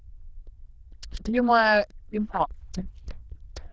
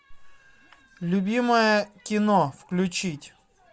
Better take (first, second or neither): second